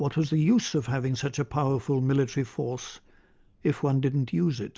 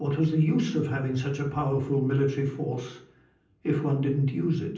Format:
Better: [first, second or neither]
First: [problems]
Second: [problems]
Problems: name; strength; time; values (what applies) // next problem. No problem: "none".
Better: first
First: none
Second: room echo; dies away in 0.6 s